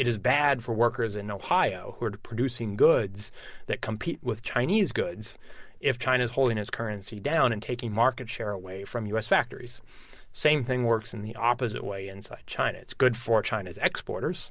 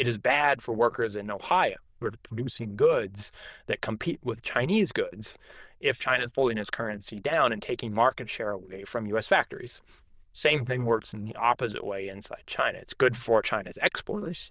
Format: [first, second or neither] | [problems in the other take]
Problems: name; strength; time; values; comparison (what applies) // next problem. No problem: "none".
first | noise reduction (neural diffusion model UNIVERSE++)